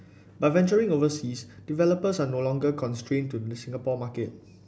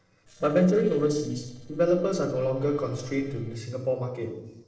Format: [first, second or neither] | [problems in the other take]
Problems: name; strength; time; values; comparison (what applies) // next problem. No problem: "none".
first | noise reduction (neural separator model SepFormer DNS4)